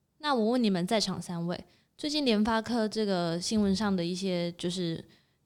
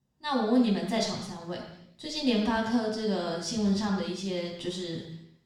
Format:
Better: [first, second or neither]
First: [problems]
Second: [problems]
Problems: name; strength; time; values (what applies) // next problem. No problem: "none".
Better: first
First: none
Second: room echo; noticeable; dies away in 0.8 s // off-mic speech; far